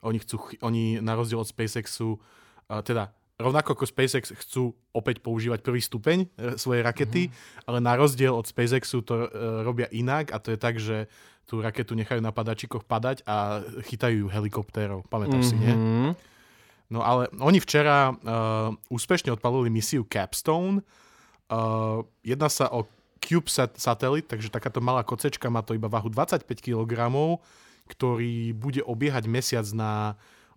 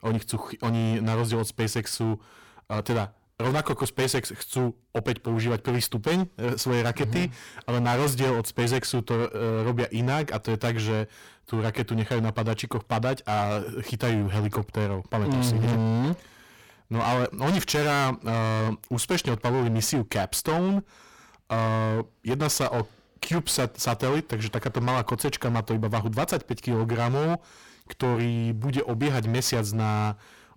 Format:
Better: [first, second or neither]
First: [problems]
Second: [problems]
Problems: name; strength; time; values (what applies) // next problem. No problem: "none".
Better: first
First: none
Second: distortion; heavy; 18% of the sound clipped